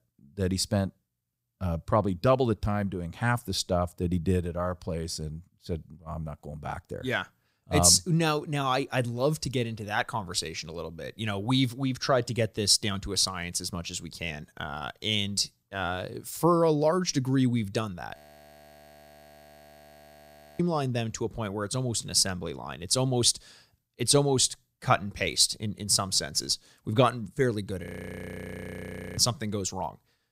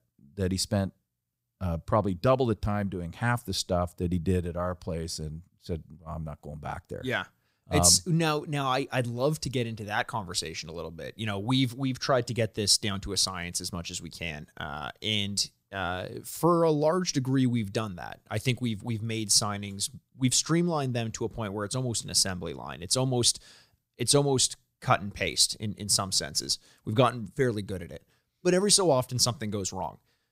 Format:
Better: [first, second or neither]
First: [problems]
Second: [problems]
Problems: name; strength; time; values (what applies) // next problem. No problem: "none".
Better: second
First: audio freezing; at 18 s for 2.5 s and at 28 s for 1.5 s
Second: none